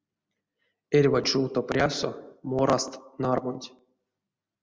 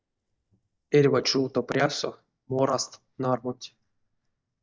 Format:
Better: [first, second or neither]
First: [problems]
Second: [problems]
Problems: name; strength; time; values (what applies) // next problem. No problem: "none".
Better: first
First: none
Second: noise reduction (neural mask model DeepFilterNet 3)